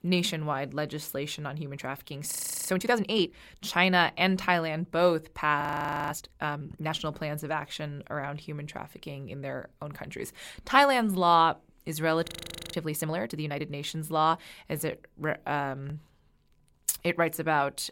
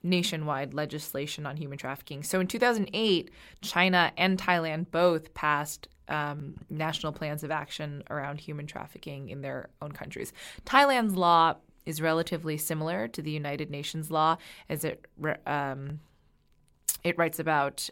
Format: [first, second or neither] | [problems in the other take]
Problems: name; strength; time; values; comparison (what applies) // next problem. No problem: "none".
second | audio freezing; at 2.5 s, at 5.5 s and at 12 s